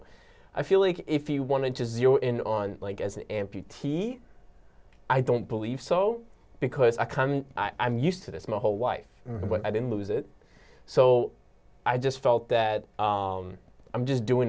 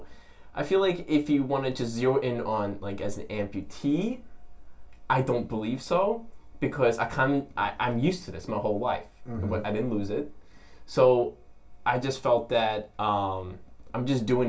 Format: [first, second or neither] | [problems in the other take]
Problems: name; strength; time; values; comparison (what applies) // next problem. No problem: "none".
first | room echo; dies away in 0.2 s